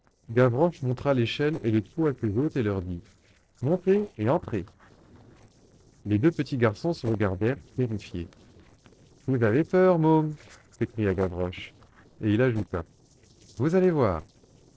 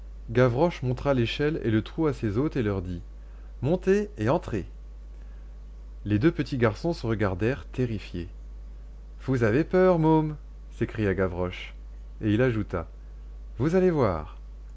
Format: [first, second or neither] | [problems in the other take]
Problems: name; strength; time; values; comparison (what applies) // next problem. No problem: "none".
second | noise reduction (neural separator model SepFormer DNS4)